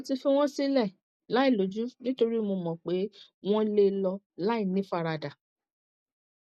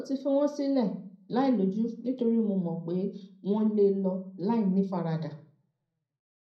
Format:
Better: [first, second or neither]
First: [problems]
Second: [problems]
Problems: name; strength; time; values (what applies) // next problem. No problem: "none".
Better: first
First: none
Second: room echo; dies away in 0.6 s